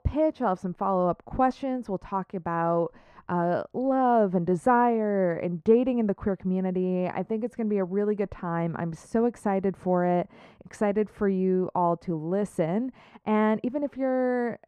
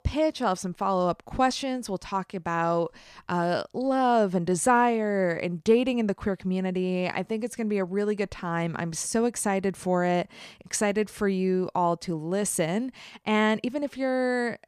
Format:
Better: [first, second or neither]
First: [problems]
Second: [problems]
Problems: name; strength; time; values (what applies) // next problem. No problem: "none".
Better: second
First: muffled; very; fading above 2.5 kHz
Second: none